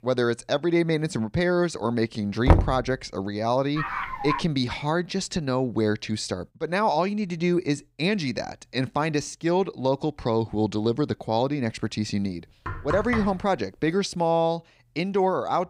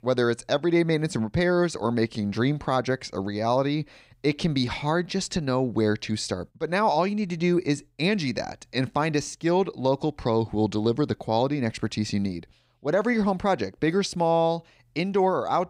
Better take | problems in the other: second | door banging; loud; at 2.5 s; peak 5 dB above the speech // dog barking; noticeable; at 4 s; peak 4 dB below the speech // door banging; noticeable; at 13 s; peak 5 dB below the speech

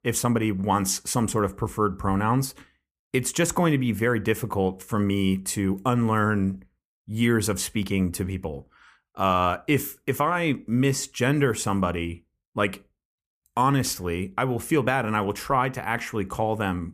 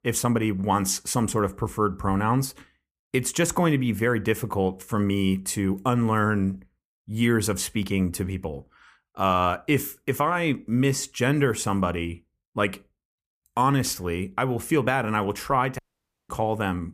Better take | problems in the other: first | audio cutting out; at 16 s for 0.5 s

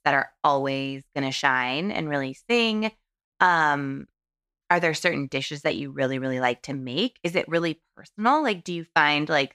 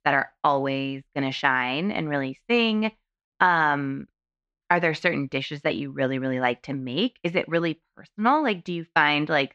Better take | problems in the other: first | muffled; very slightly; fading above 3 kHz

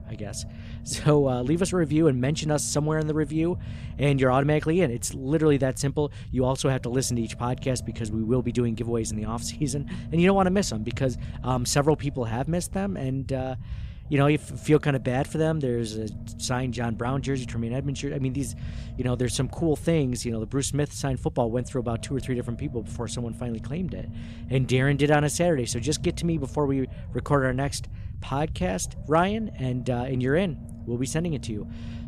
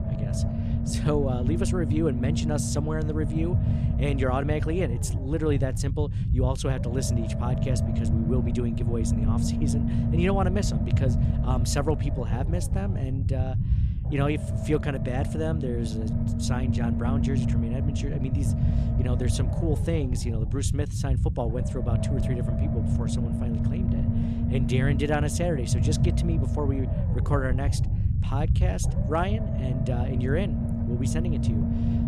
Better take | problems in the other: first | low rumble; loud; throughout; 4 dB below the speech; faint in the first

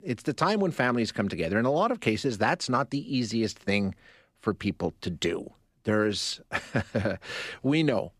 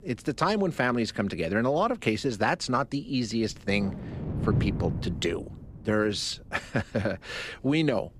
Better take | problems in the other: first | wind noise on the microphone; occasional gusts; 15 dB below the speech

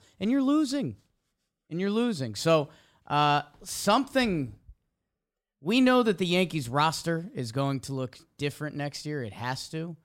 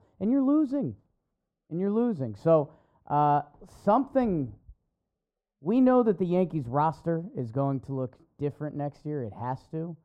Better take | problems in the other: first | muffled; very; fading above 1.5 kHz

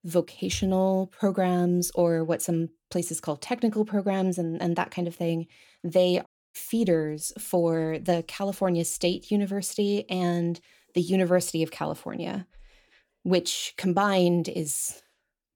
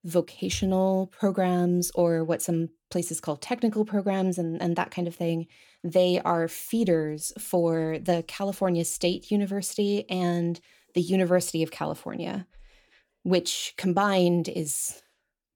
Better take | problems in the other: second | audio cutting out; at 6.5 s

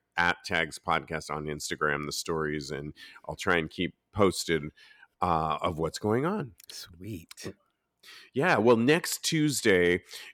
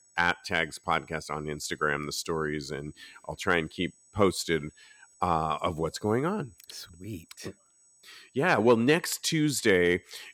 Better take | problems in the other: first | high-pitched whine; faint; throughout; 8 kHz, 30 dB below the speech

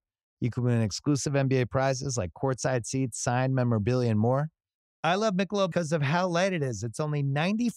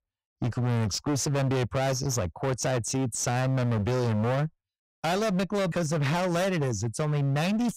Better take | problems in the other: first | distortion; heavy; 35% of the sound clipped

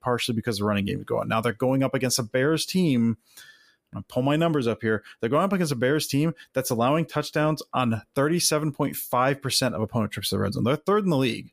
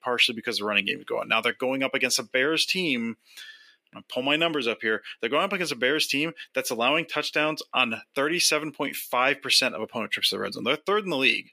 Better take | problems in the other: first | thin; very slightly; fading below 300 Hz

